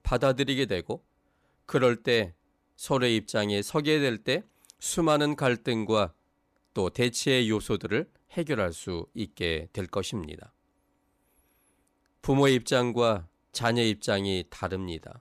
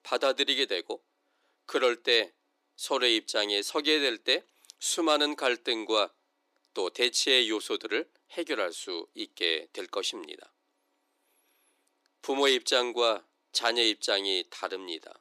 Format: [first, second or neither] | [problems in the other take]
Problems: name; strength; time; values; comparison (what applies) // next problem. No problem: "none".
first | thin; somewhat; fading below 300 Hz